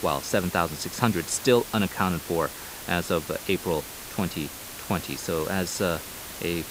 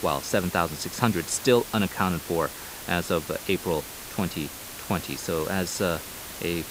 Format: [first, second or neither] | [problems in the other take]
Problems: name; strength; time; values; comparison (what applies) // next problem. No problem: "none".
neither | hiss; loud; throughout; 9 dB below the speech; the same in both